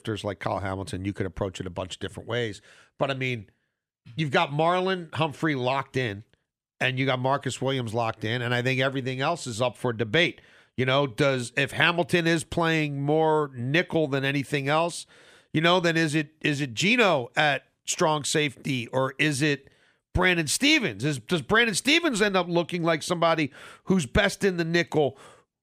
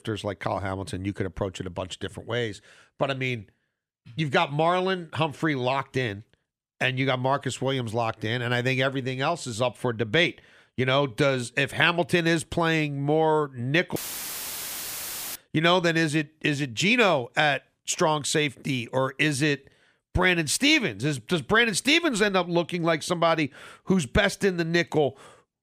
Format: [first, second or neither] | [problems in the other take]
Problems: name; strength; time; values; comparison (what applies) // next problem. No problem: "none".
first | audio cutting out; filled with static; at 14 s for 1.5 s